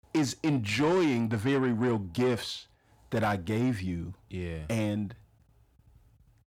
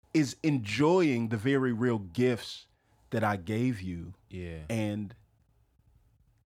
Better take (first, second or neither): second